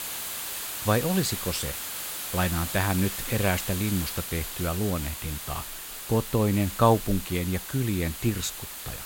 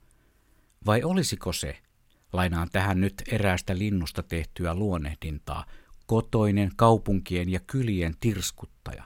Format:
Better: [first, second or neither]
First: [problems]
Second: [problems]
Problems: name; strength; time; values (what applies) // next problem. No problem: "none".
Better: second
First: hiss; loud; throughout; 5 dB below the speech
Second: none